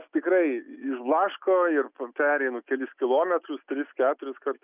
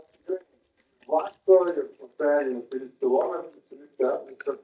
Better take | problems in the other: first | noise reduction (neural mask model DeepFilterNet 3)

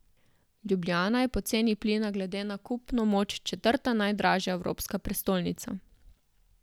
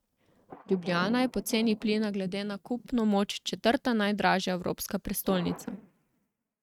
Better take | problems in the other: first | noise reduction (neural mask model RNNoise)

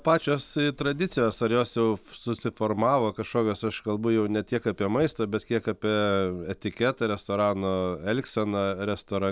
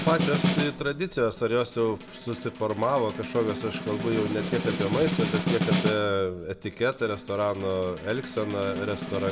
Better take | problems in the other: first | background sound (Snare drum); 4 dB below the speech // room echo; dies away in 2.4 s

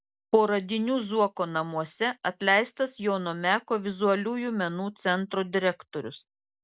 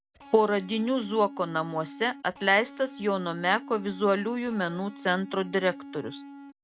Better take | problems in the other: first | background sound (Electric guitar); 16 dB below the speech

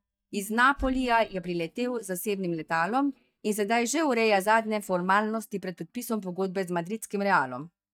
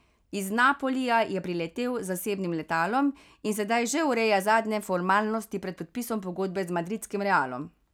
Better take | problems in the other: second | noise reduction (neural mask model DeepFilterNet 3)

